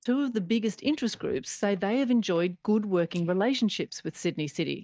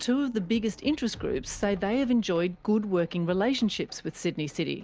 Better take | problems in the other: second | noise reduction (neural mask model DeepFilterNet 3)

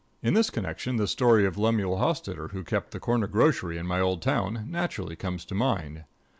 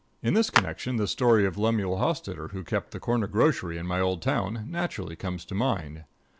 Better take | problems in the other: first | background sound (Clapping); 6 dB below the speech

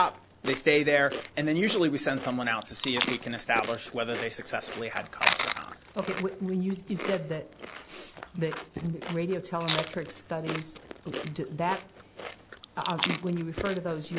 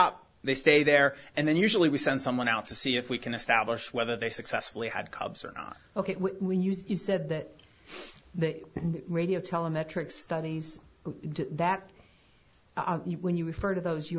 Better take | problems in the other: second | background sound (Chewing, mastication); 6 dB below the speech

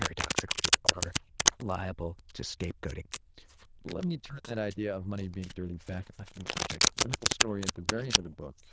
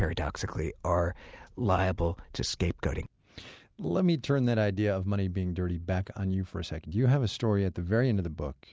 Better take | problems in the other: second | noise reduction (neural diffusion model UNIVERSE++)

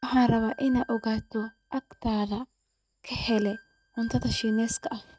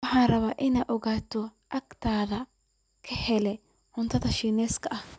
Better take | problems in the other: second | noise reduction (neural mask model RNNoise)

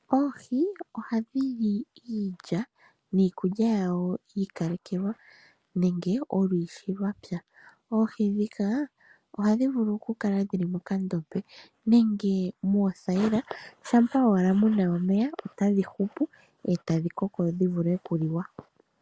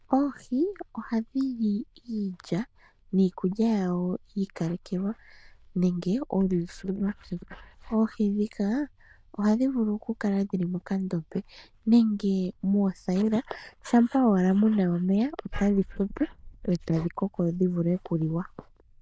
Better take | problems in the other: first | noise reduction (neural diffusion model UNIVERSE++)

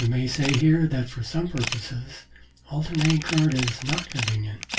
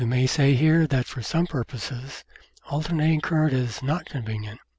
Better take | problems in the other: second | background sound (Camera); 9 dB below the speech // room echo; dies away in 0.2 s

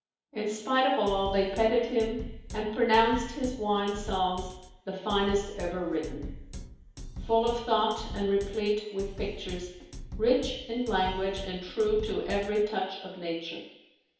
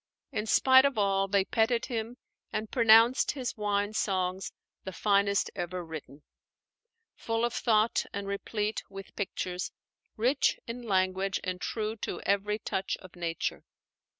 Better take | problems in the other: second | background sound (Drum kit); 11 dB below the speech // room echo; dies away in 2.2 s

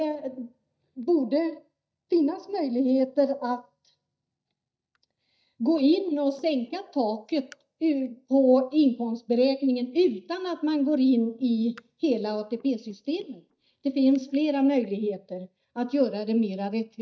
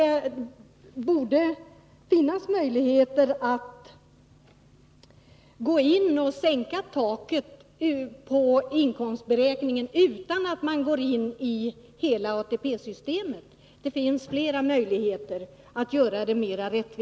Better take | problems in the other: second | noise reduction (neural mask model DeepFilterNet 3)

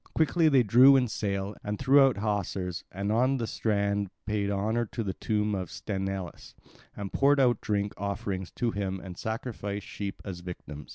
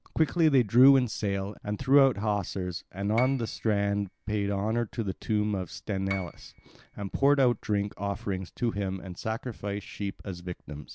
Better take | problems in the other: first | background sound (Piano); 17 dB below the speech

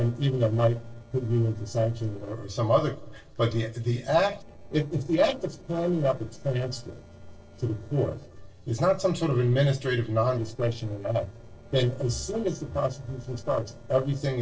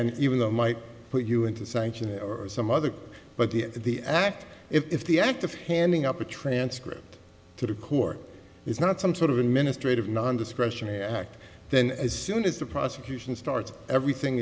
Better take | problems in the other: second | noise reduction (neural separator model SepFormer DNS4)

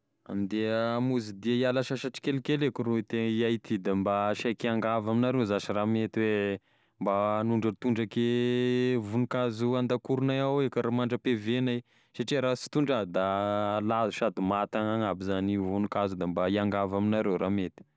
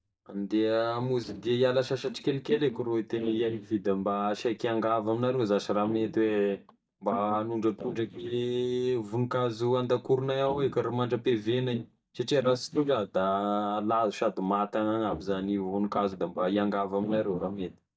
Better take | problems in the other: first | noise reduction (neural mask model DeepFilterNet 3)

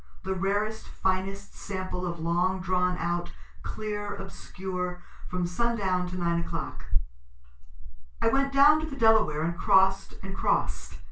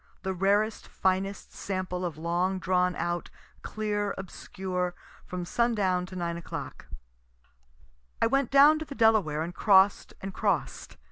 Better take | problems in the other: second | room echo; dies away in 0.2 s

